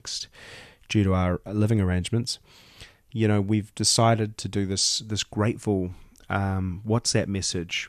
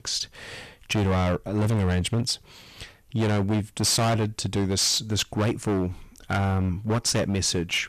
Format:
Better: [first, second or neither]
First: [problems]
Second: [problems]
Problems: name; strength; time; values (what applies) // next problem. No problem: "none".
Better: first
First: none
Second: distortion; heavy; 18% of the sound clipped